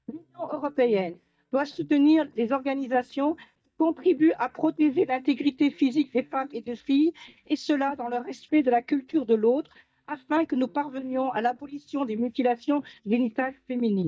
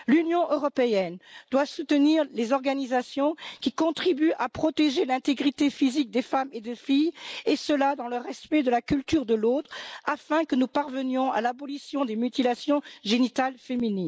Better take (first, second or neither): second